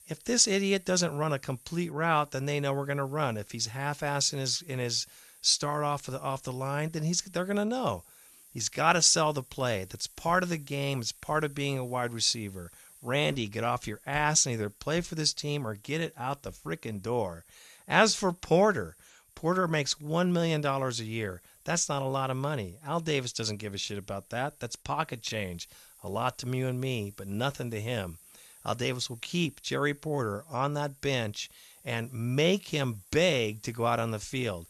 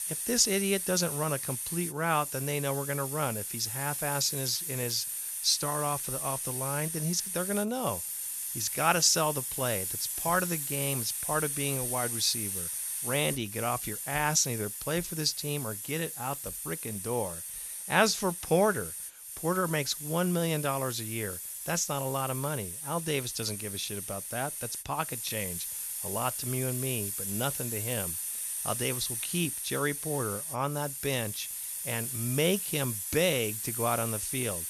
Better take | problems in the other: first | hiss; loud; throughout; 3 dB below the speech; faint in the first

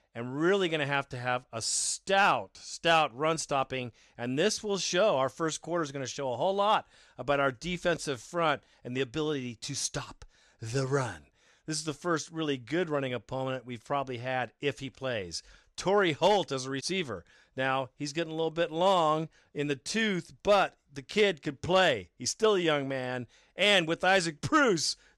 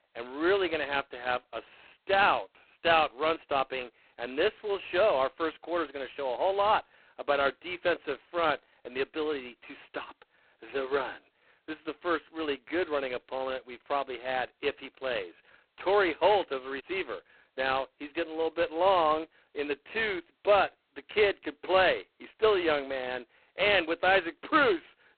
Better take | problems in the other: first | phone-call audio; poor line; nothing above 4 kHz

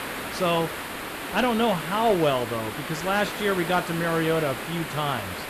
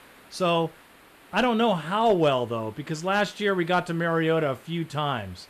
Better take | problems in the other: second | hiss; loud; throughout; 7 dB below the speech; faint in the second

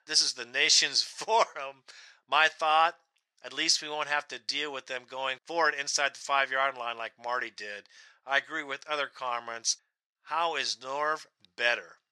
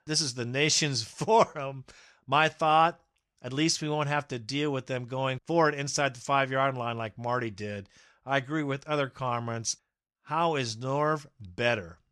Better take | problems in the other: second | thin; very; fading below 600 Hz

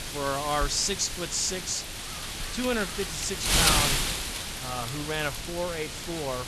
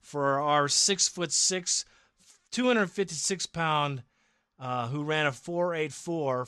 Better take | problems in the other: second | wind noise on the microphone; heavy; as loud as the speech

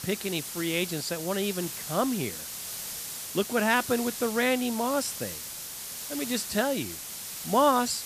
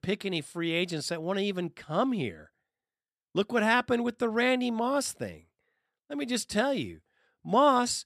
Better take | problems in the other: second | hiss; loud; throughout; 7 dB below the speech

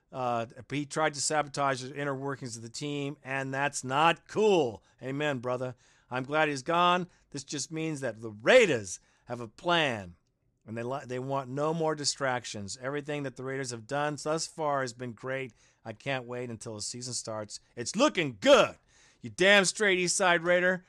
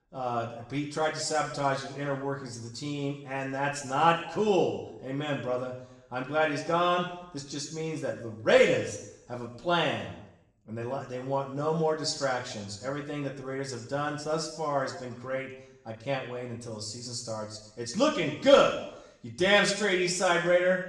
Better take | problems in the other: first | room echo; slight; dies away in 0.8 s // off-mic speech; far

